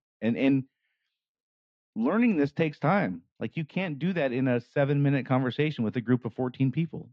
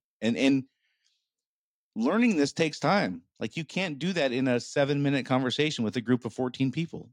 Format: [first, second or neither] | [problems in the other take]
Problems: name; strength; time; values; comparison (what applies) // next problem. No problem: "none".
second | muffled; very; fading above 2.5 kHz